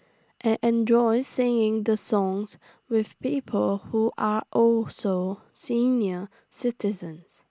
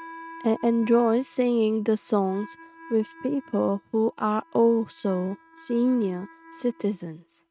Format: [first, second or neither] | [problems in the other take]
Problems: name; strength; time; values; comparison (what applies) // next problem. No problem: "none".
first | noise reduction (neural mask model RNNoise)